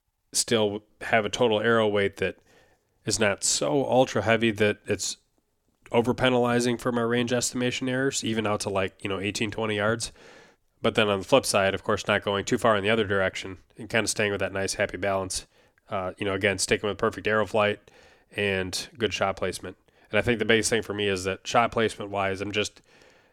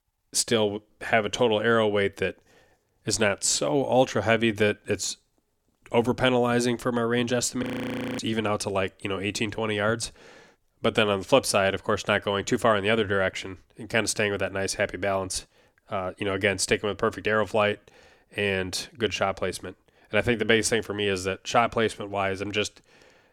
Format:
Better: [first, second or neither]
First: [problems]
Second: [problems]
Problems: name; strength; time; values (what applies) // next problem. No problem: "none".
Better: first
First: none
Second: audio freezing; at 7.5 s for 0.5 s